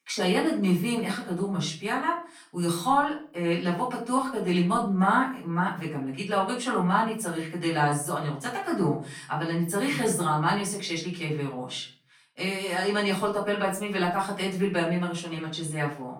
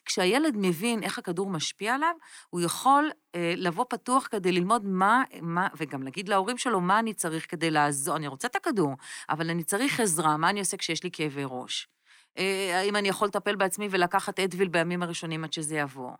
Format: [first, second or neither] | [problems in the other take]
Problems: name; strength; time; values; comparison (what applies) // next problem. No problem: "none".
second | off-mic speech; far // room echo; slight; dies away in 0.4 s